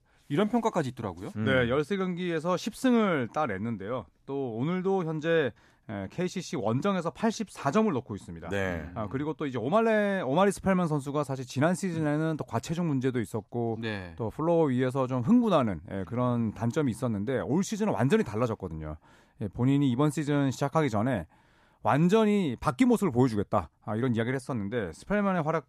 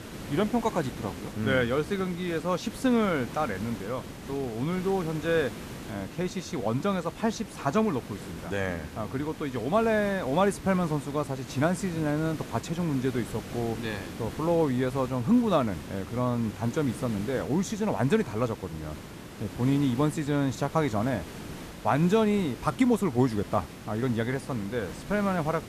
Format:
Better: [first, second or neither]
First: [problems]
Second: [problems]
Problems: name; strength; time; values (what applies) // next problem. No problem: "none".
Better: first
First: none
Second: hiss; noticeable; throughout; 15 dB below the speech